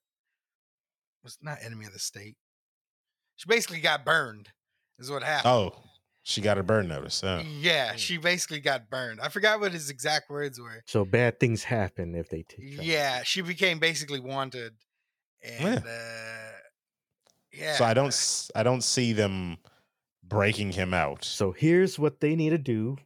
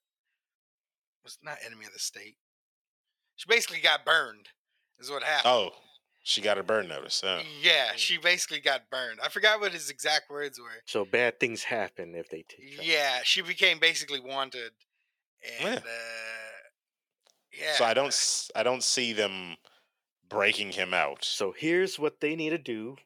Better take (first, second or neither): first